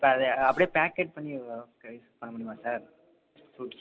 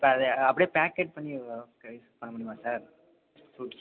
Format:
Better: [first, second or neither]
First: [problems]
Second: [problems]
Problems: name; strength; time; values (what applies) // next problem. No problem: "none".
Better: second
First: background sound (Zipper (clothing)); 19 dB below the speech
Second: none